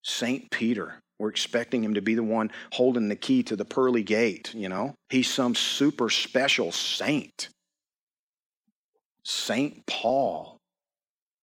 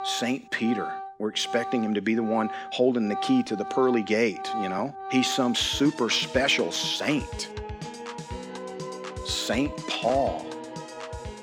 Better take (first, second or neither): first